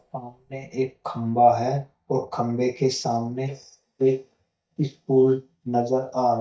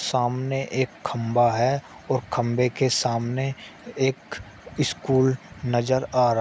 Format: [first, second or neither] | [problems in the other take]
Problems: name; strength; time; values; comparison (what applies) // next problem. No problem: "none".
second | noise reduction (neural mask model DeepFilterNet 3)